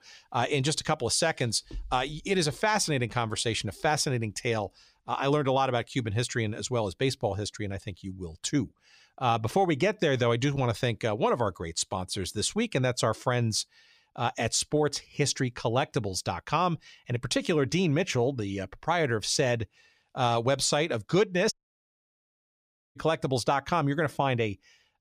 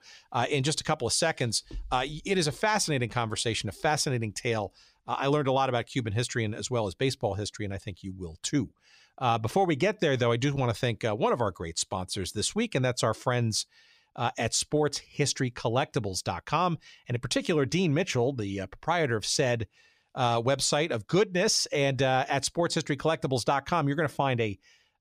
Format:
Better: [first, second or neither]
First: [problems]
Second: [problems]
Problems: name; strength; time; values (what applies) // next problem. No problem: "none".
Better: second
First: audio cutting out; at 22 s for 1.5 s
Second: none